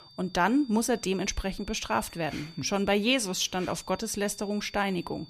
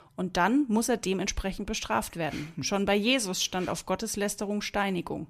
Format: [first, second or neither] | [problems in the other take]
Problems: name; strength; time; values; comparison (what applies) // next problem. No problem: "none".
second | high-pitched whine; faint; throughout; 4.5 kHz, 20 dB below the speech